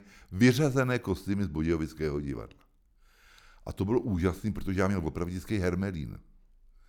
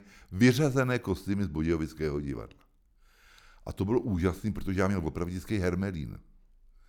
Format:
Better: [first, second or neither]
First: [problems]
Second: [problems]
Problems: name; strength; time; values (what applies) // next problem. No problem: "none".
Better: neither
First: none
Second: none